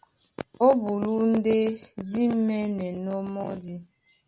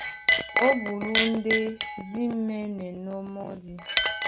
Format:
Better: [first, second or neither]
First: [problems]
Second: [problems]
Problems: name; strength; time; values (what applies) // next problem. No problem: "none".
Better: first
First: none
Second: background sound (Chink, clink); as loud as the speech